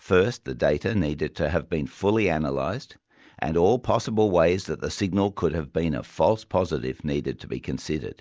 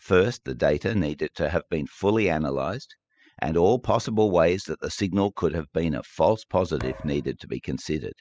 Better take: first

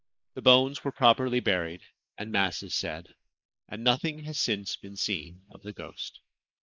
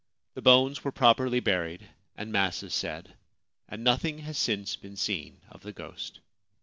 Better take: second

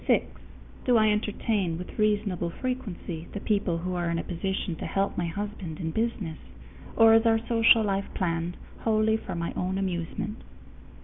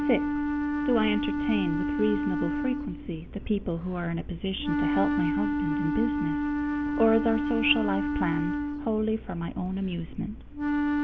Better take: first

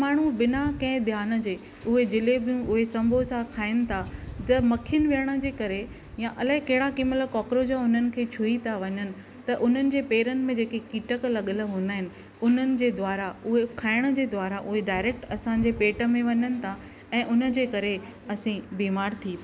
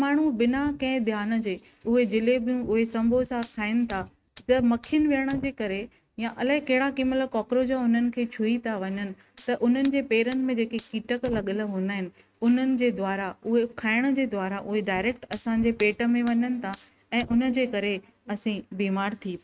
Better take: first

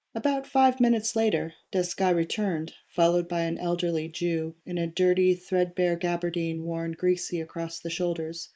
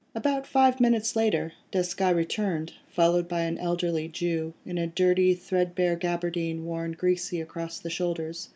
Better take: second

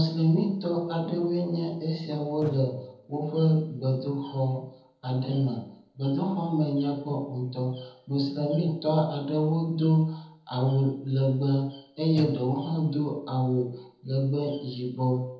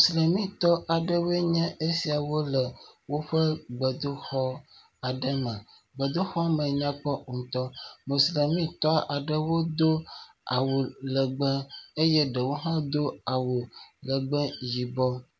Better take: second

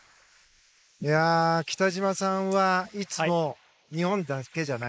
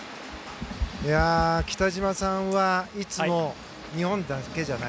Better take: second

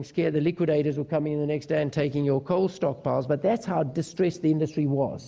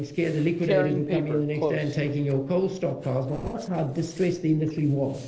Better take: first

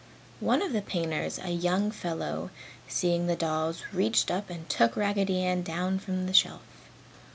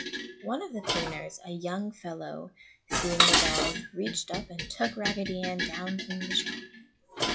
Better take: first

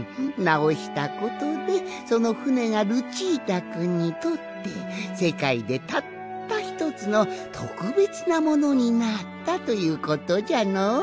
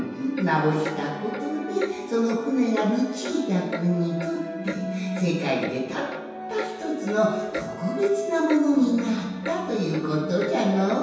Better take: first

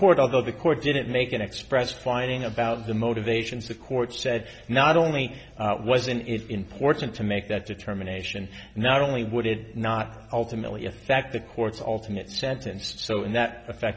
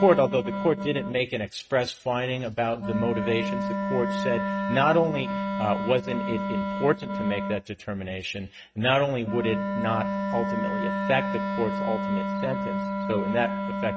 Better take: first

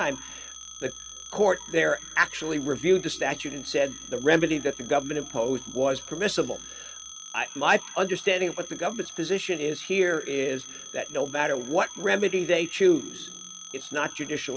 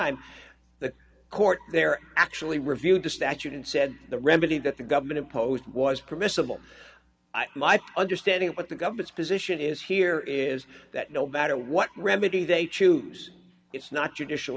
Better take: second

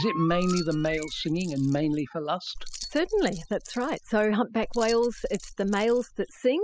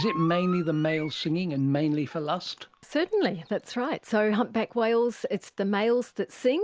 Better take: second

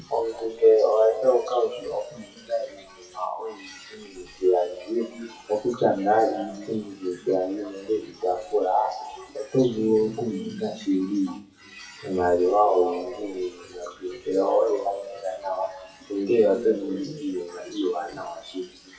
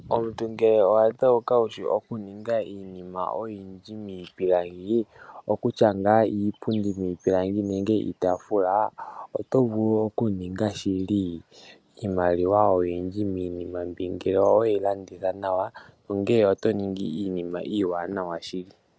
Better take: second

